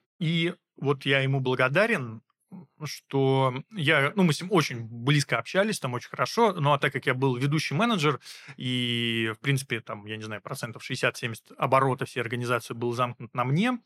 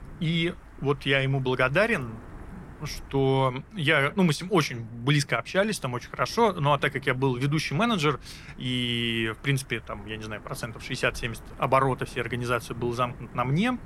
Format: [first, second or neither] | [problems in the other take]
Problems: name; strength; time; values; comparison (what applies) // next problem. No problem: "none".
first | wind noise on the microphone; occasional gusts; 25 dB below the speech